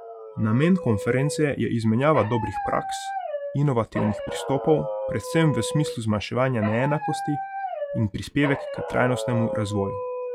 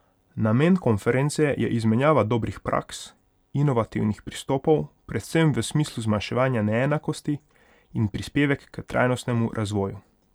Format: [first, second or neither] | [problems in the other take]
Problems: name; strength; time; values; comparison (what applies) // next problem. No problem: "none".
second | noise reduction (classical method log-MMSE)